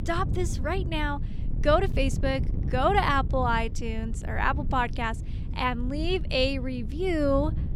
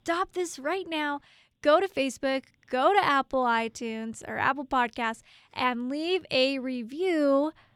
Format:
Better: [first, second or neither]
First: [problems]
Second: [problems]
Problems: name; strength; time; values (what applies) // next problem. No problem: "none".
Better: second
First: wind noise on the microphone; occasional gusts; 20 dB below the speech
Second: none